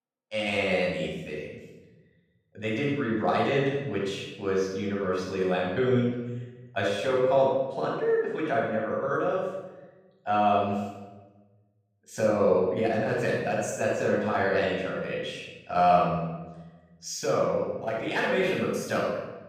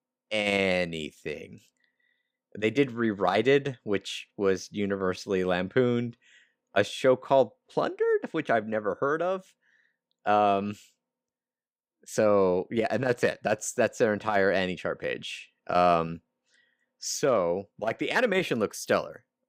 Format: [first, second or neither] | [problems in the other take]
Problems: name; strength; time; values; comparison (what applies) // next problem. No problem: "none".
second | off-mic speech; far // room echo; strong; dies away in 1 s